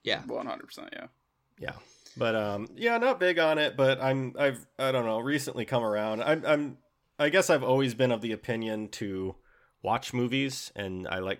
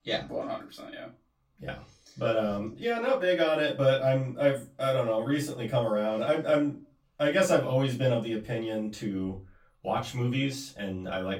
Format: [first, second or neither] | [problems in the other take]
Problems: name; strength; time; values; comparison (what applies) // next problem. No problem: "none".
first | off-mic speech; far // room echo; very slight; dies away in 0.2 s